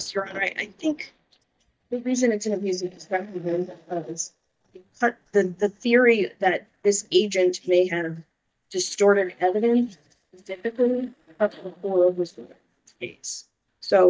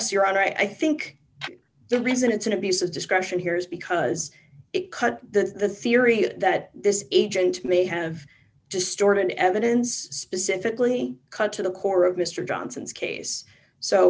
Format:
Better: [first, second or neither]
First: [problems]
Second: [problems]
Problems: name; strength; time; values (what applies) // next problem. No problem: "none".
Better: second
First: noise reduction (neural mask model DeepFilterNet 3)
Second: none